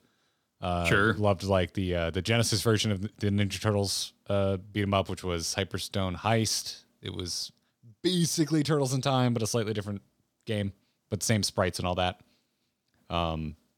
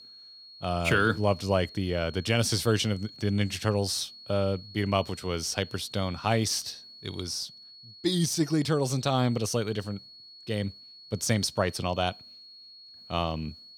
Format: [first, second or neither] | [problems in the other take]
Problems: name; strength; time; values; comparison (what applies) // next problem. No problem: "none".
first | high-pitched whine; noticeable; throughout; 4.5 kHz, 20 dB below the speech